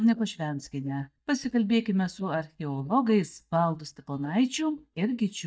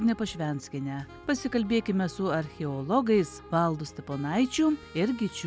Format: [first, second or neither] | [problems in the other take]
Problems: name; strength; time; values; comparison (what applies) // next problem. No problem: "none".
second | noise reduction (neural mask model DeepFilterNet 3)